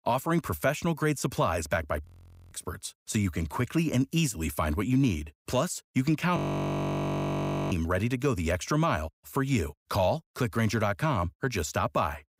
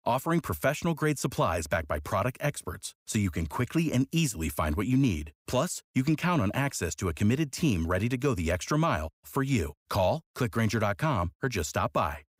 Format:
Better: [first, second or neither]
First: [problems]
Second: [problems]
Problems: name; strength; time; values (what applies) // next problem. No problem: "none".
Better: second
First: audio freezing; at 2 s and at 6.5 s for 1.5 s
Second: none